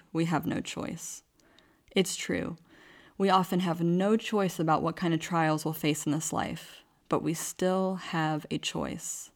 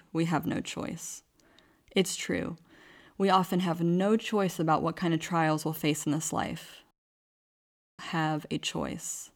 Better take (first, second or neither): first